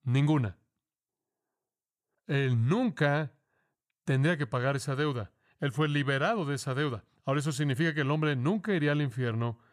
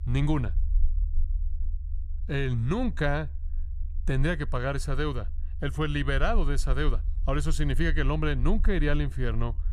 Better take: first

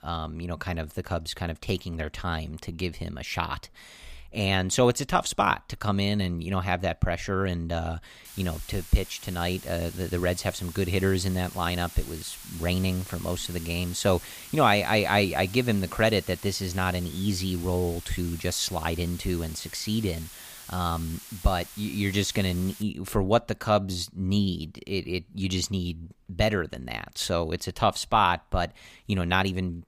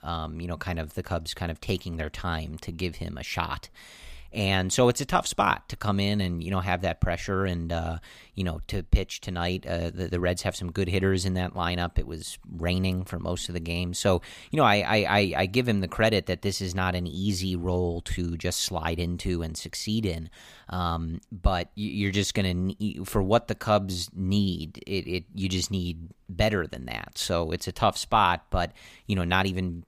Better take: second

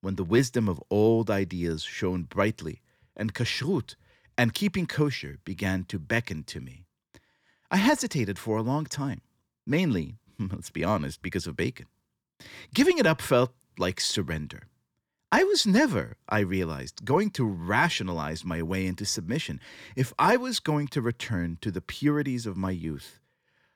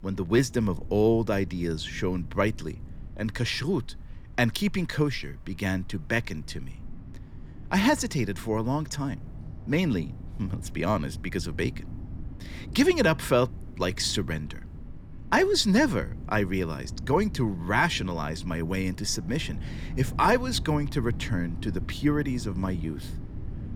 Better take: first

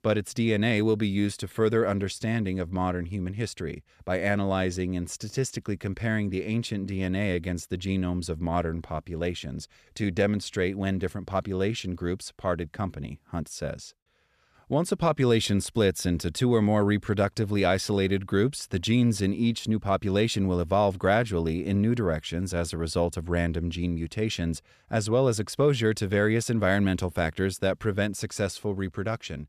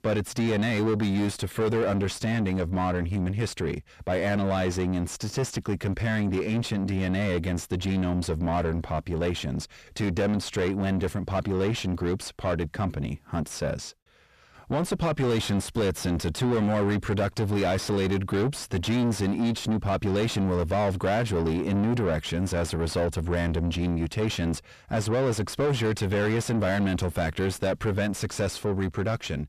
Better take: first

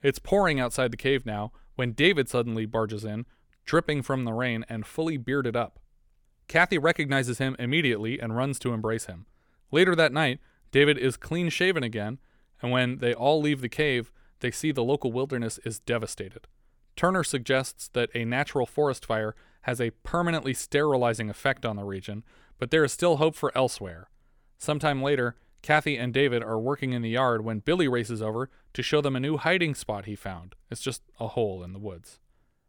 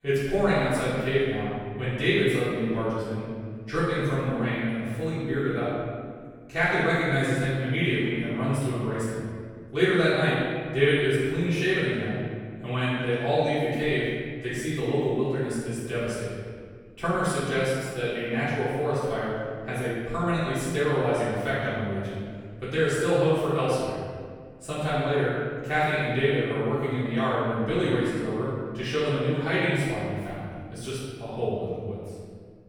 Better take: first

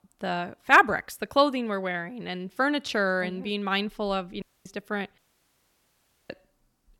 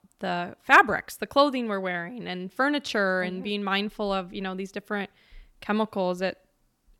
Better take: second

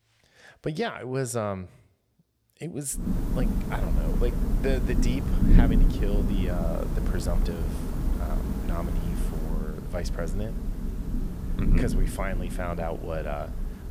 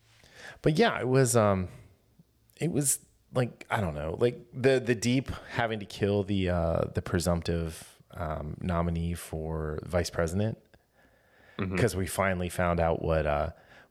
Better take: second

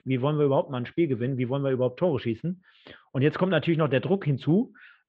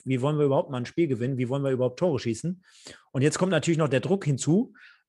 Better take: second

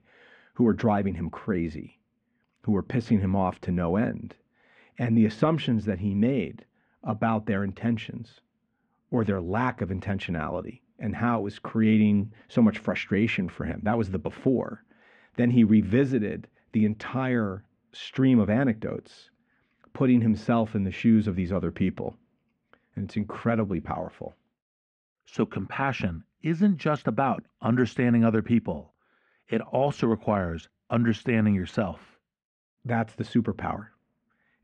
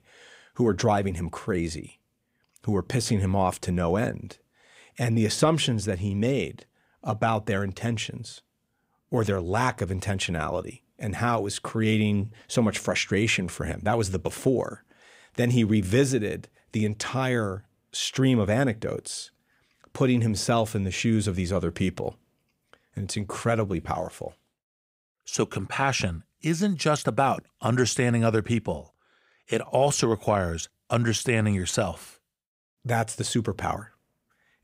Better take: second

